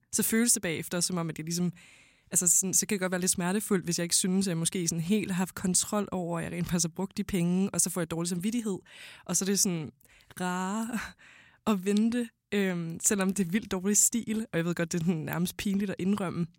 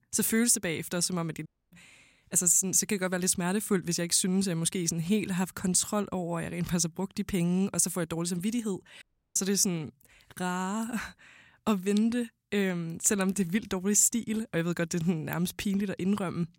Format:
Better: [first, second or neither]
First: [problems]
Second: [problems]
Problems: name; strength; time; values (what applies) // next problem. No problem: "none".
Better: first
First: none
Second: audio cutting out; at 1.5 s and at 9 s